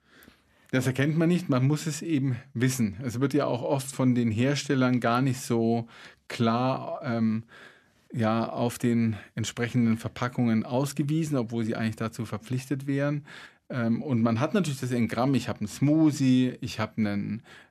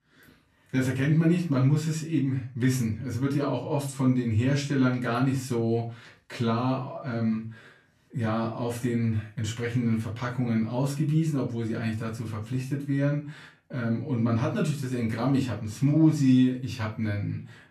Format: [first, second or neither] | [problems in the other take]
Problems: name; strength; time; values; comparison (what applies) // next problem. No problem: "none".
first | off-mic speech; far // room echo; slight; dies away in 0.3 s